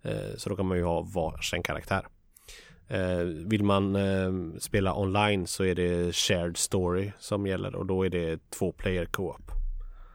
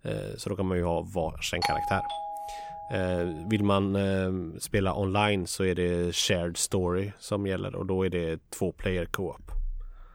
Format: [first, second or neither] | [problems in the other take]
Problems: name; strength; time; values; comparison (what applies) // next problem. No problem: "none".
first | doorbell; noticeable; from 1.5 to 3 s; peak 1 dB below the speech